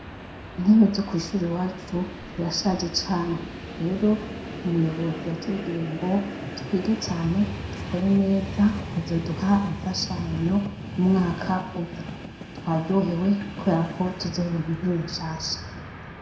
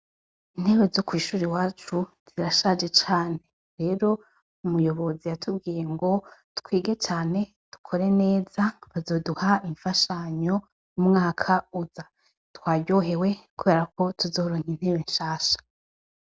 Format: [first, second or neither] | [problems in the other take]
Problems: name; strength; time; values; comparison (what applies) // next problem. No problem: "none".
second | background sound (Train); 10 dB below the speech // room echo; dies away in 0.6 s